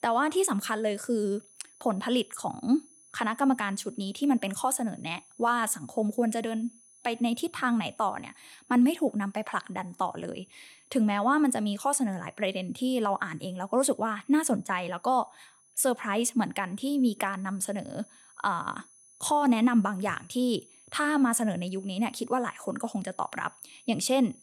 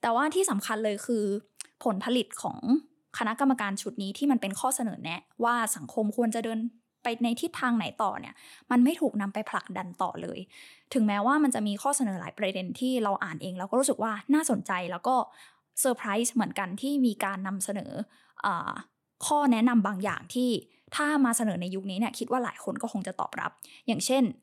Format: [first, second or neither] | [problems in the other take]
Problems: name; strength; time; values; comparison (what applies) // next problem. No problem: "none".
second | high-pitched whine; faint; throughout; 10 kHz, 25 dB below the speech